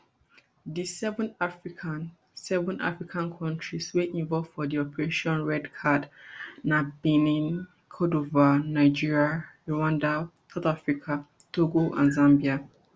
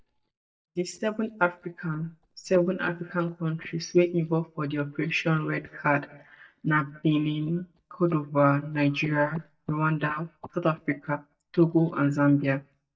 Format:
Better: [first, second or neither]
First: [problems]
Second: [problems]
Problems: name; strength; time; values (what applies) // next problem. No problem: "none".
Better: first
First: none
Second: noise reduction (neural mask model DeepFilterNet 3)